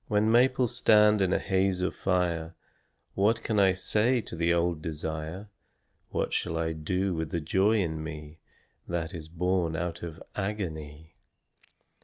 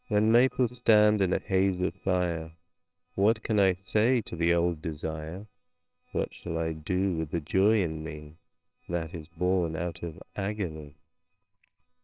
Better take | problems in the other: first | noise reduction (neural separator model SepFormer WHAMR!)

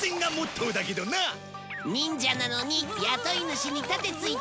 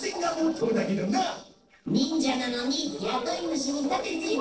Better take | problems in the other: first | noise reduction (neural separator model SepFormer DNS4)

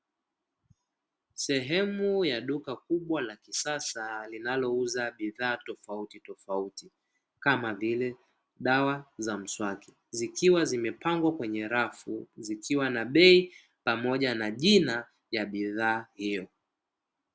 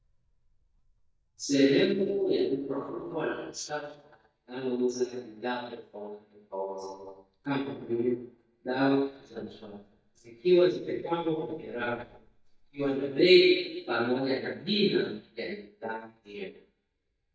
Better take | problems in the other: first | noise reduction (neural mask model DeepFilterNet 3)

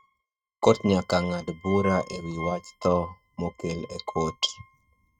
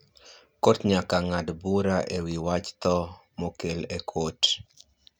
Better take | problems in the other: second | noise reduction (neural mask model RNNoise)

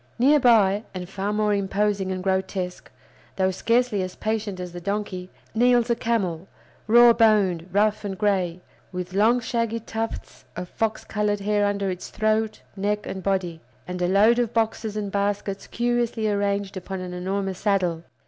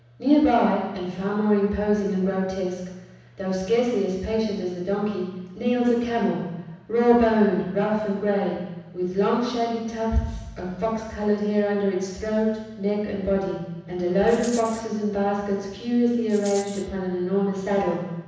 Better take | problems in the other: first | background sound (Rattle); 17 dB below the speech // room echo; dies away in 1.1 s

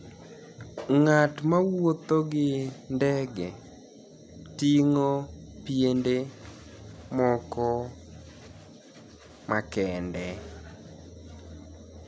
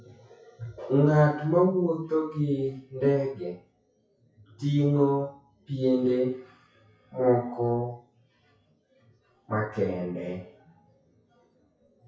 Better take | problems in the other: first | noise reduction (classical method WPE with log-MMSE)

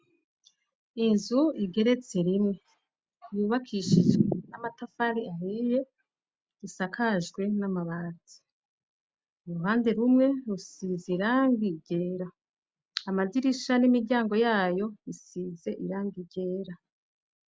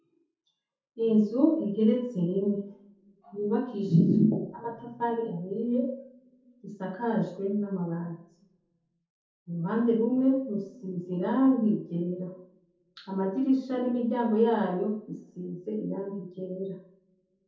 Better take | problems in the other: first | room echo; dies away in 0.6 s

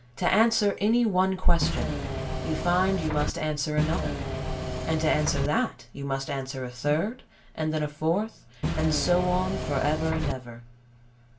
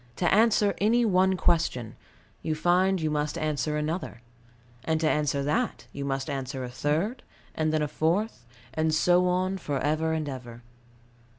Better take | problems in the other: second | background sound (Engine / Mechanisms); 3 dB below the speech // room echo; dies away in 0.2 s

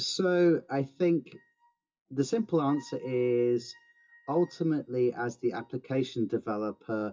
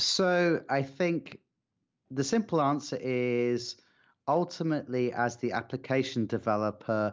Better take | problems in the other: second | noise reduction (classical method WPE with log-MMSE)

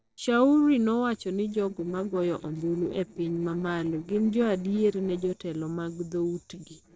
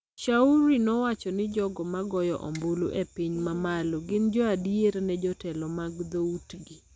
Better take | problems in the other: second | noise reduction (neural separator model SepFormer DNS4)

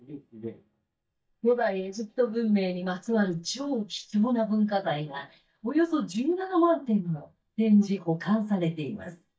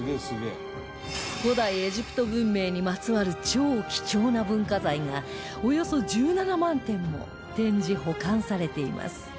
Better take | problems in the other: second | noise reduction (neural mask model DeepFilterNet 3)

